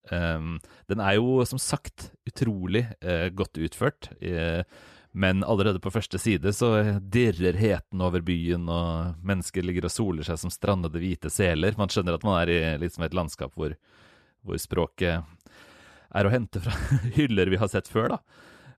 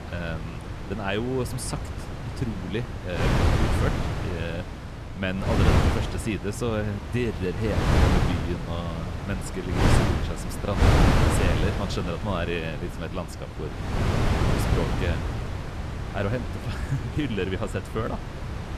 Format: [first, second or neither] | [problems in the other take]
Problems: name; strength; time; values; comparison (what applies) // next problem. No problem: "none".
first | wind noise on the microphone; heavy; 1 dB above the speech